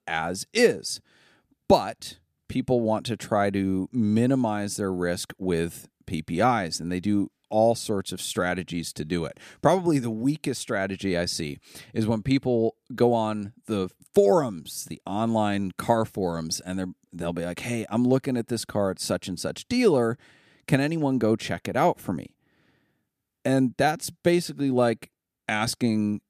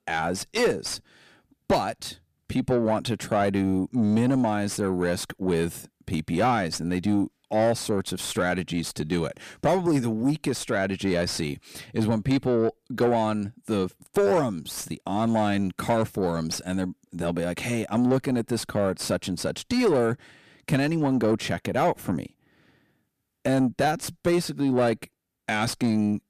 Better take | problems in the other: first | distortion; slight; 10 dB below the speech

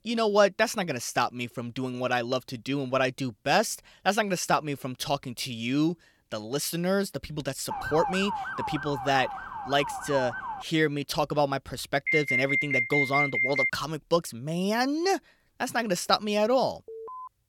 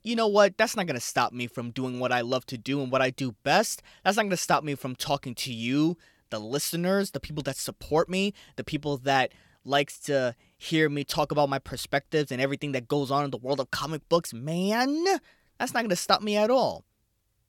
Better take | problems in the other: second | siren; noticeable; from 7.5 to 11 s; peak 3 dB below the speech // alarm; loud; from 12 to 14 s; peak 3 dB above the speech // alarm; faint; at 17 s; peak 15 dB below the speech

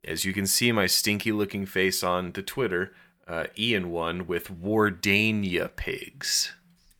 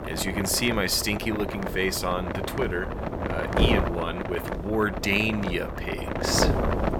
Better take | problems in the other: first | wind noise on the microphone; heavy; 3 dB below the speech

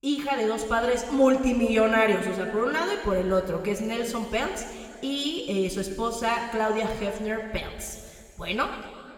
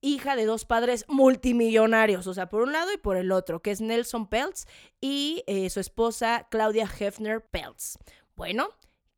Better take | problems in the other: second | room echo; slight; dies away in 2.2 s // off-mic speech; somewhat distant

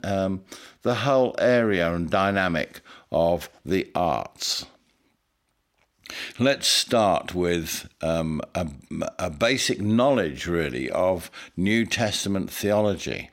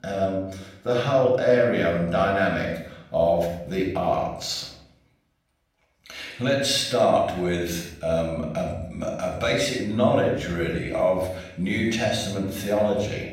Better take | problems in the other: first | off-mic speech; far // room echo; noticeable; dies away in 0.7 s

